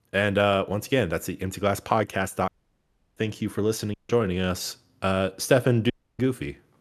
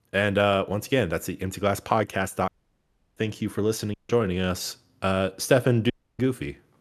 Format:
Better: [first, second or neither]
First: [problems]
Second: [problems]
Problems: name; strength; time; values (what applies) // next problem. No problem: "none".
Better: neither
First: audio cutting out; at 2.5 s for 0.5 s, at 4 s and at 6 s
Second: audio cutting out; at 2.5 s for 0.5 s, at 4 s and at 6 s